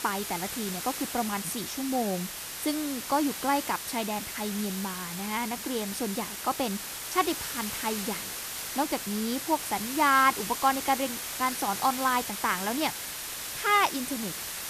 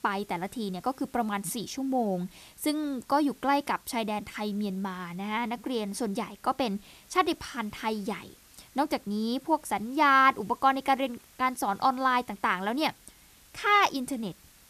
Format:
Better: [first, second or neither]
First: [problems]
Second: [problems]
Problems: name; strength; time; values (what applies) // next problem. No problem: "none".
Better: second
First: hiss; loud; throughout; 4 dB below the speech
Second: hiss; faint; throughout; 25 dB below the speech